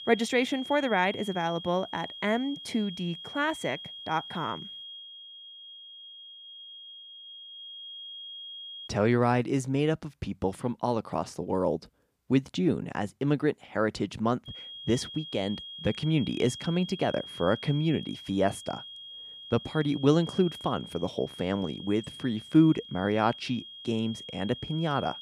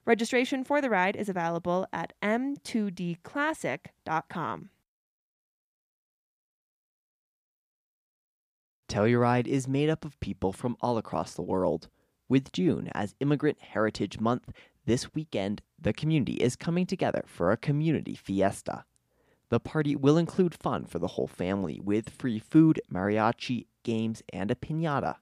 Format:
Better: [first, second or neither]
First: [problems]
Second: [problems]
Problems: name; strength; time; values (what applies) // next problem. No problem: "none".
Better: second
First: high-pitched whine; noticeable; until 9 s and from 14 s on; 3.5 kHz, 10 dB below the speech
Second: none